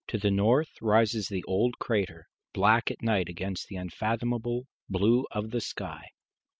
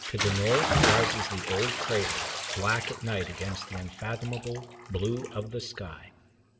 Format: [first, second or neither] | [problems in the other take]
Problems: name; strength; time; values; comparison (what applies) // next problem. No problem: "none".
first | background sound (Bathtub (filling or washing) / Splash, splatter); as loud as the speech // room echo; dies away in 2.1 s